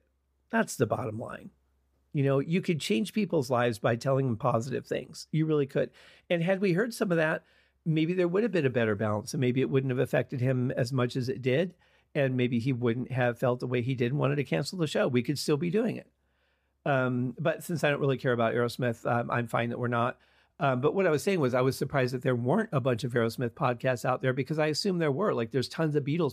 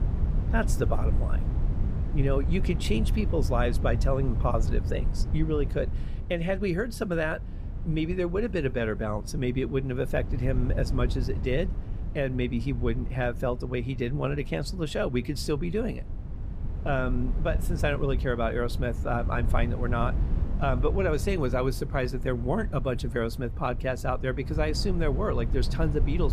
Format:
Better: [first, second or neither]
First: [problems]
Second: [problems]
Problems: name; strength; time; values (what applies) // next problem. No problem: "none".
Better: first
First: none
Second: wind noise on the microphone; occasional gusts; 15 dB below the speech